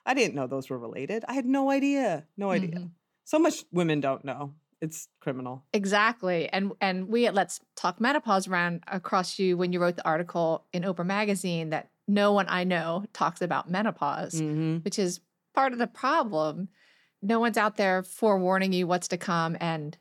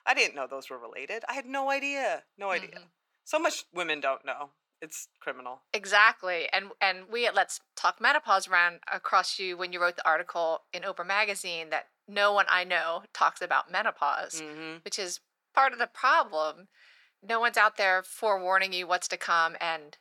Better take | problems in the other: first | thin; very; fading below 700 Hz

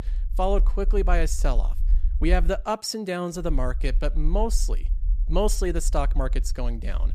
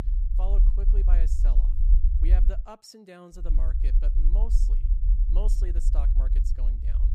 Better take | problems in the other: first | low rumble; loud; until 2.5 s and from 3.5 s on; 4 dB below the speech; faint in the first

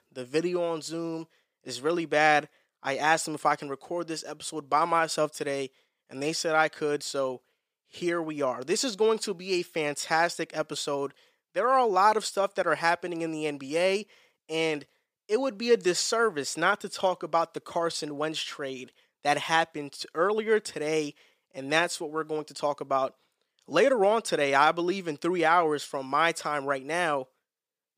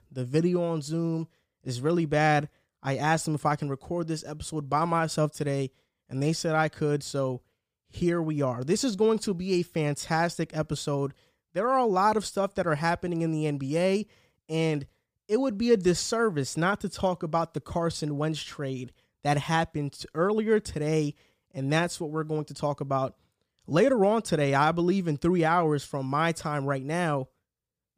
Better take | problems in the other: second | thin; somewhat; fading below 400 Hz

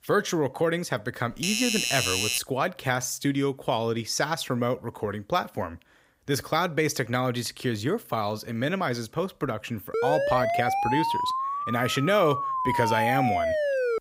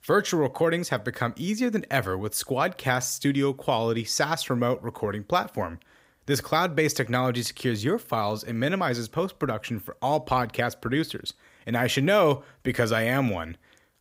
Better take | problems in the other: second | doorbell; loud; from 1.5 to 2.5 s; peak 3 dB above the speech // siren; loud; from 10 s on; peak 2 dB above the speech

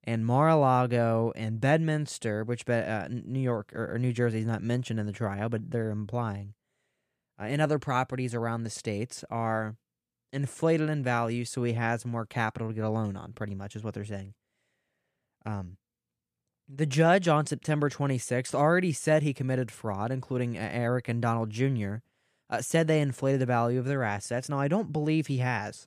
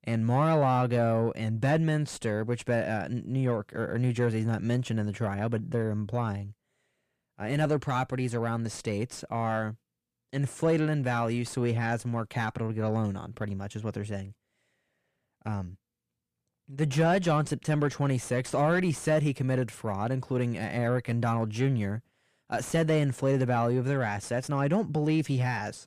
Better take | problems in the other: first | distortion; slight; 10 dB below the speech

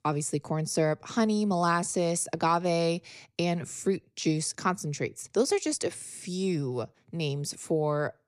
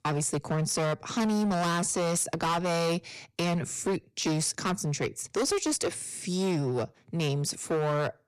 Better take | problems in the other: first | distortion; heavy; 19% of the sound clipped

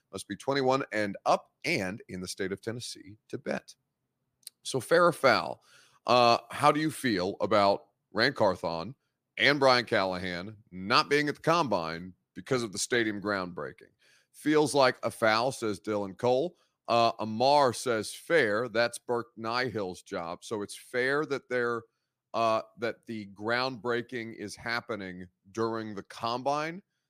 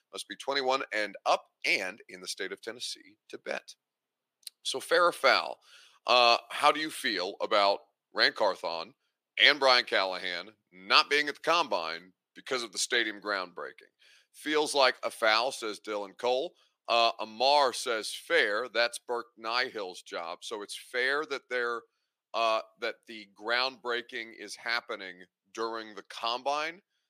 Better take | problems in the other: first | thin; somewhat; fading below 450 Hz

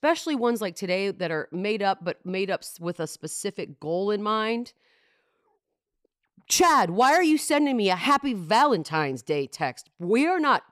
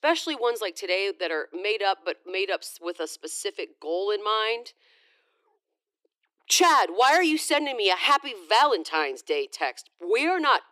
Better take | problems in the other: first | thin; very; fading below 300 Hz

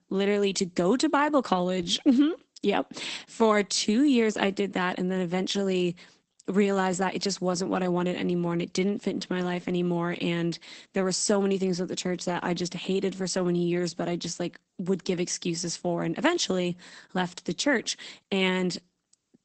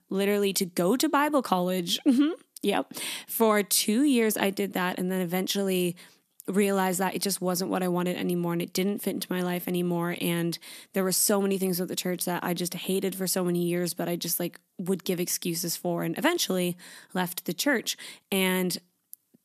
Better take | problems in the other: second | garbled, watery; badly; nothing above 8 kHz

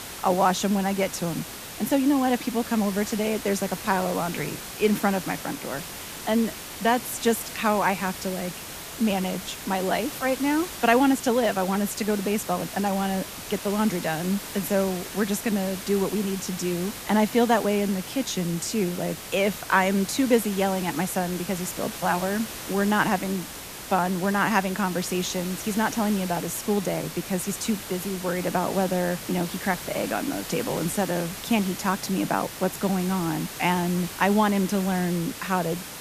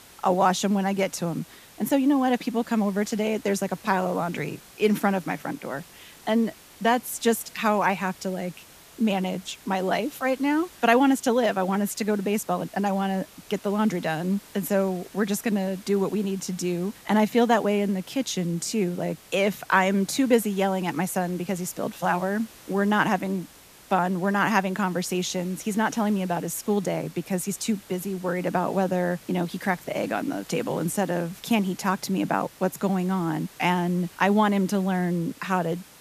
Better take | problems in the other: second | hiss; loud; throughout; 10 dB below the speech; faint in the second

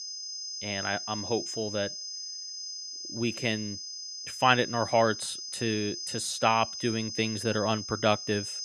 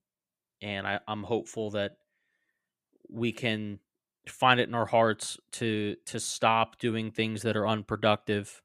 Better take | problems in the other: second | high-pitched whine; loud; throughout; 5 kHz, 7 dB below the speech

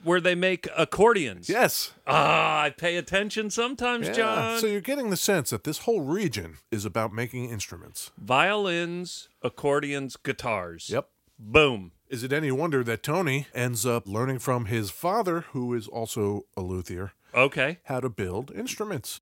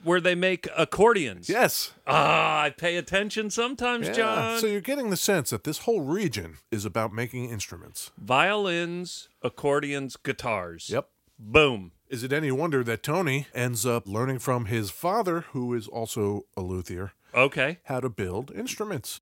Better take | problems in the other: neither | none

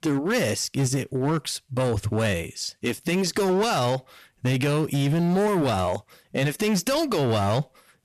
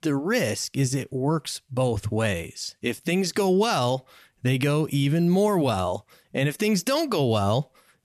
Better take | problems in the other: second | distortion; slight; 16% of the sound clipped

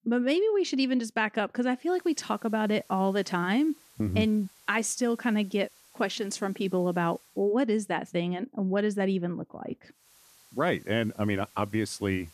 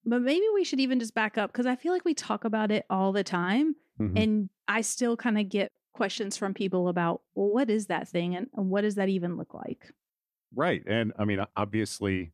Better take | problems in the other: second | hiss; faint; from 2 to 7.5 s and from 10 s on; 25 dB below the speech

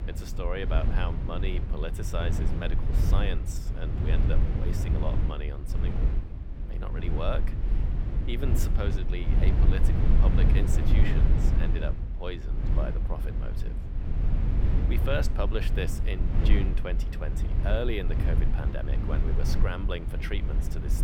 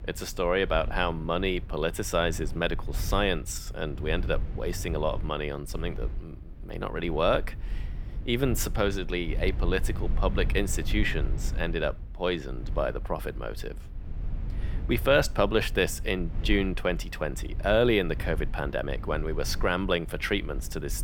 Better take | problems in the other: second | low rumble; loud; throughout; 4 dB below the speech; faint in the second

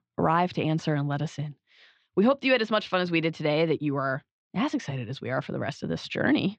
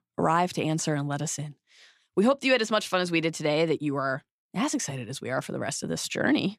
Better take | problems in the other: second | muffled; slightly; fading above 4 kHz

